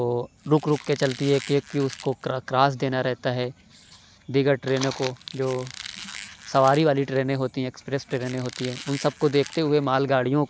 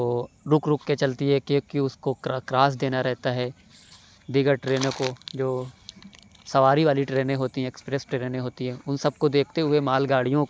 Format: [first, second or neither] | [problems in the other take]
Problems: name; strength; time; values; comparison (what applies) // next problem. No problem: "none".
second | background sound (Squeak); 17 dB below the speech